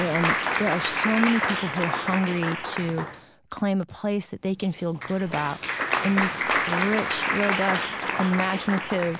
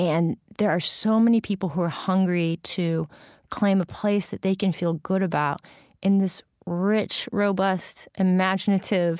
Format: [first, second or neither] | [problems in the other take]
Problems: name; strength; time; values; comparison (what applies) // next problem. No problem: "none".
second | background sound (Applause); 1 dB below the speech